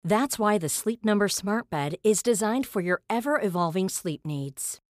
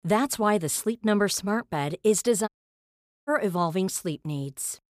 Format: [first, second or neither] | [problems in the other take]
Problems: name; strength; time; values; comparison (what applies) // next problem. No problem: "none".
first | audio cutting out; at 2.5 s for 1 s